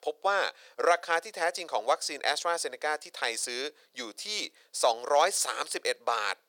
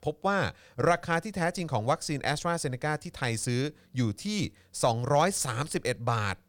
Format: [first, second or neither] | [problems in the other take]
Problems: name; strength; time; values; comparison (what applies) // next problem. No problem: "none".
second | thin; very; fading below 450 Hz